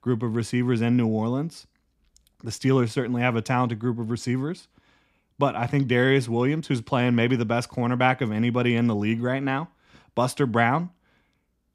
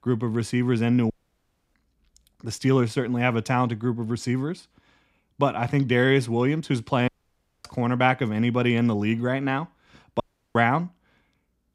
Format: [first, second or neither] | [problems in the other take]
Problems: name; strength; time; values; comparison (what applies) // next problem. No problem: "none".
first | audio cutting out; at 1 s for 0.5 s, at 7 s for 0.5 s and at 10 s